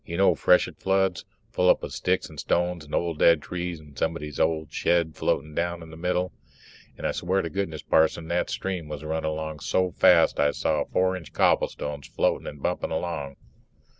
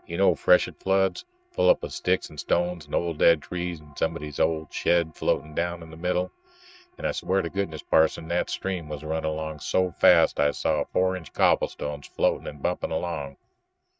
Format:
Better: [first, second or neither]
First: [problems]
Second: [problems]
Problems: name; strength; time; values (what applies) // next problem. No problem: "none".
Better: first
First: none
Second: noise reduction (neural mask model RNNoise)